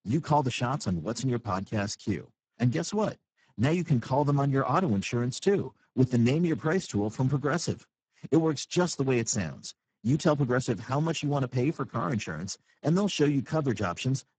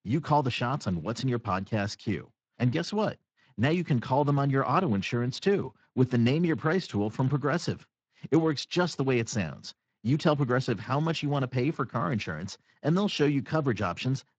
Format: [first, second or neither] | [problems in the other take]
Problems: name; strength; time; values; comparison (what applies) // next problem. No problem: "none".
second | garbled, watery; badly; nothing above 7.5 kHz; slightly in the second